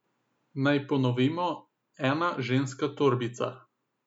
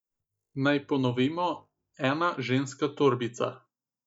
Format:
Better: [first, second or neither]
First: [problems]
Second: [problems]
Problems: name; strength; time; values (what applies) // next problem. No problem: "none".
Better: first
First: none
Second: noise reduction (neural mask model DeepFilterNet 3)